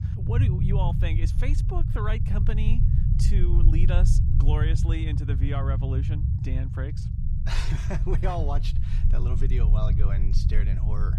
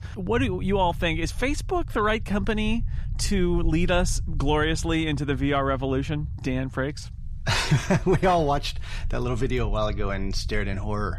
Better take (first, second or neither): second